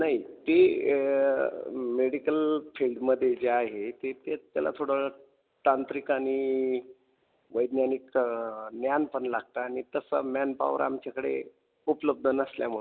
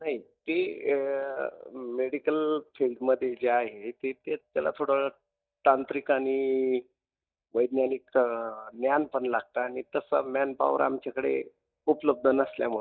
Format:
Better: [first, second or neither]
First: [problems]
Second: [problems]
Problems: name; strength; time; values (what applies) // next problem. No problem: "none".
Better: first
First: none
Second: noise reduction (neural mask model DeepFilterNet 3)